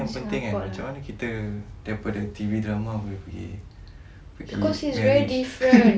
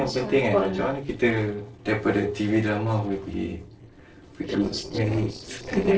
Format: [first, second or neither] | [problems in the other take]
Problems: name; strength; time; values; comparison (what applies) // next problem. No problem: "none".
first | noise reduction (neural separator model SepFormer DNS4)